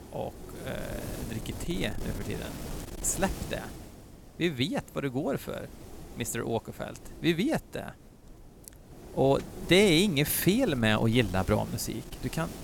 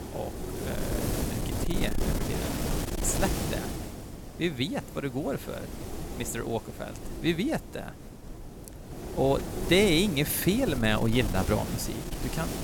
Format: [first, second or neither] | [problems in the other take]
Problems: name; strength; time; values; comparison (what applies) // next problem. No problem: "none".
first | wind noise on the microphone; heavy; 7 dB below the speech; occasional gusts in the first